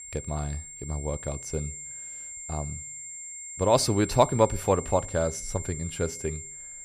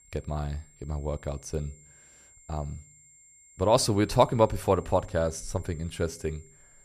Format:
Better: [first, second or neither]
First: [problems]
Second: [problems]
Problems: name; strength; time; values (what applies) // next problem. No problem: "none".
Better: second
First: high-pitched whine; loud; throughout; 7.5 kHz, 10 dB below the speech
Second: high-pitched whine; faint; throughout; 7.5 kHz, 25 dB below the speech